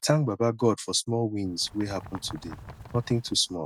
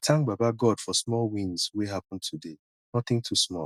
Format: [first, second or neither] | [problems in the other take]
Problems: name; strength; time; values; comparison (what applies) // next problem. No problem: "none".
second | background sound (Bird); 16 dB below the speech